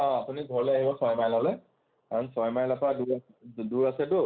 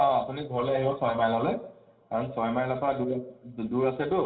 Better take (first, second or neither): first